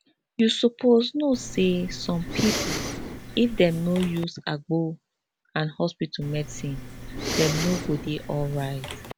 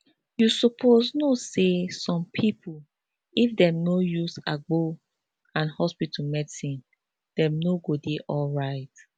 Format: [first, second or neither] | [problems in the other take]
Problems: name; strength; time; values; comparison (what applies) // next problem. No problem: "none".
second | background sound (Respiratory sounds); 7 dB below the speech